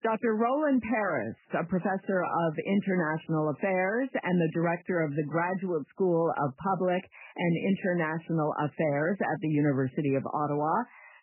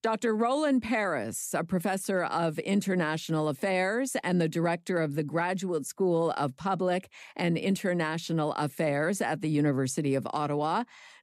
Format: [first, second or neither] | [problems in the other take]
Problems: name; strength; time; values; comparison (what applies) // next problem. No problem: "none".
second | garbled, watery; badly; nothing above 3 kHz